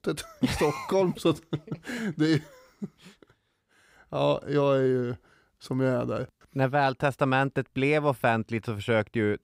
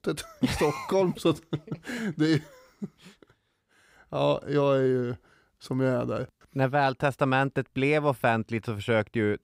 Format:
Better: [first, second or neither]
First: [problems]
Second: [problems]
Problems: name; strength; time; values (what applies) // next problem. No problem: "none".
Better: neither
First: none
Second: none